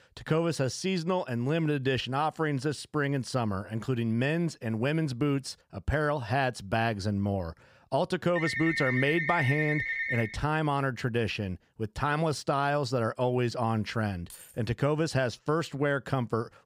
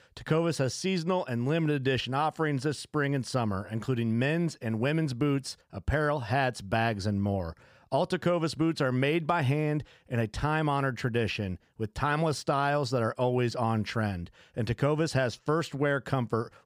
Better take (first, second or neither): second